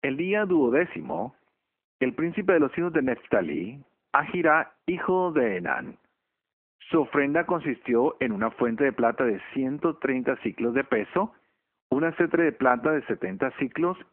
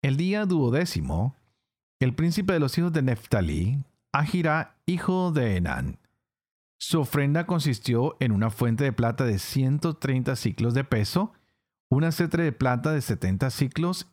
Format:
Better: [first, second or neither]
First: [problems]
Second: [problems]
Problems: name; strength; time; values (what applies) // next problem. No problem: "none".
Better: second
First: phone-call audio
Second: none